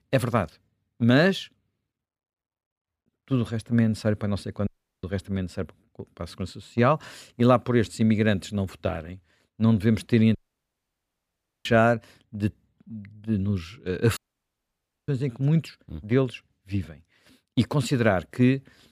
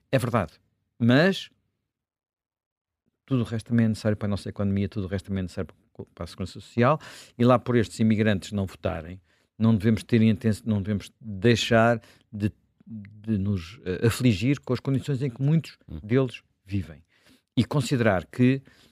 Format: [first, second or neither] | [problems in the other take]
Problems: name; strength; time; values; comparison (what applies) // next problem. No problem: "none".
second | audio cutting out; at 4.5 s, at 10 s for 1.5 s and at 14 s for 1 s